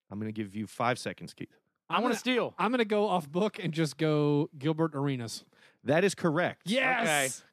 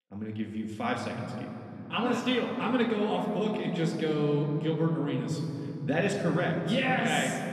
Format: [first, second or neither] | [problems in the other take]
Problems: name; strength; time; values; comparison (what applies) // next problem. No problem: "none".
first | room echo; noticeable; dies away in 3 s // off-mic speech; somewhat distant